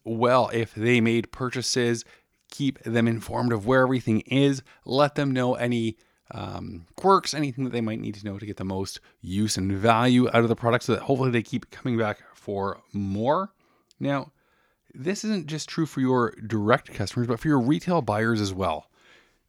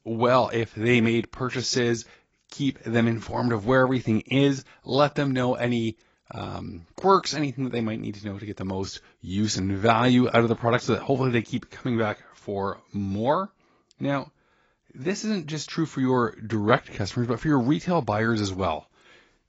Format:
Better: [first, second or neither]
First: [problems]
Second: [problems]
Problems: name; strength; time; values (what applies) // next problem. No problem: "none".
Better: first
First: none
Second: garbled, watery; badly; nothing above 7.5 kHz